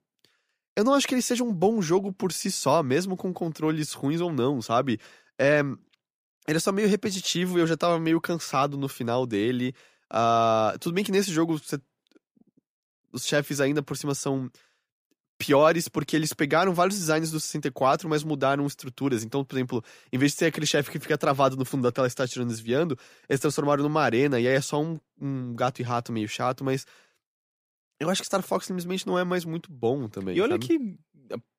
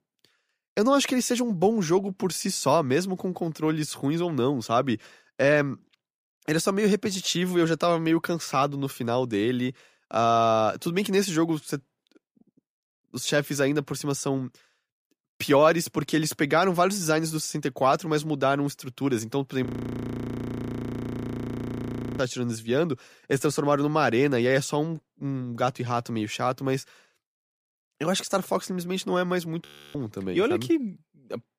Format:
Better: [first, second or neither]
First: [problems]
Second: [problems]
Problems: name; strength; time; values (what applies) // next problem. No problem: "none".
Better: first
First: none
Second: audio freezing; at 20 s for 2.5 s and at 30 s